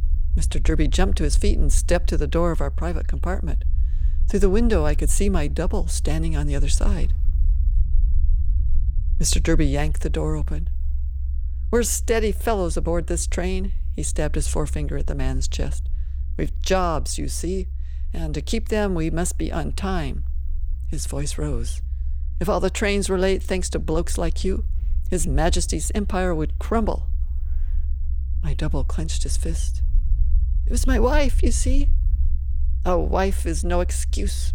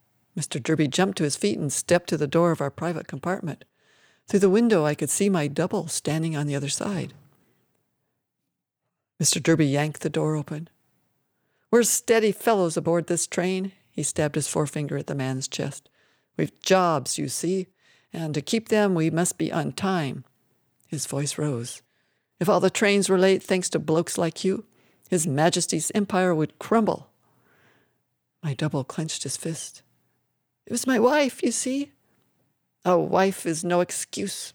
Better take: second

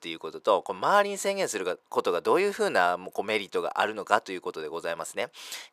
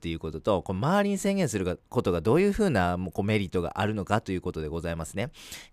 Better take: second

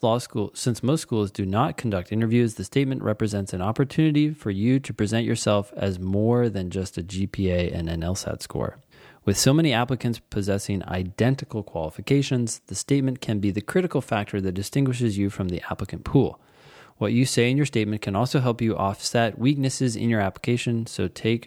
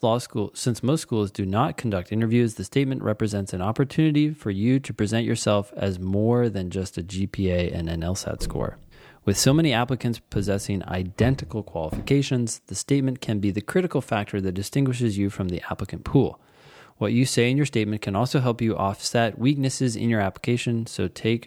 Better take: first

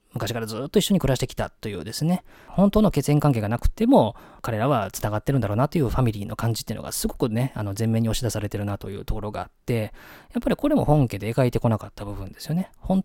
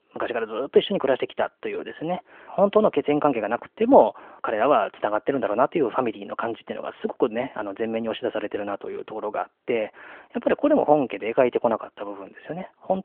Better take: first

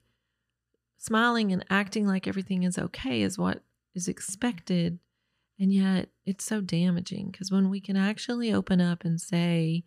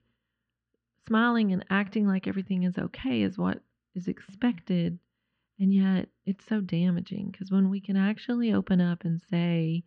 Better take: first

